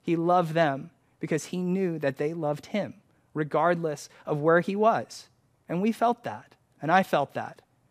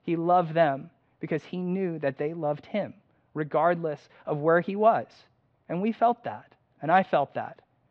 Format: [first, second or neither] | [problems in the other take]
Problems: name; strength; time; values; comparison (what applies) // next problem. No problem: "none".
first | muffled; very; fading above 3.5 kHz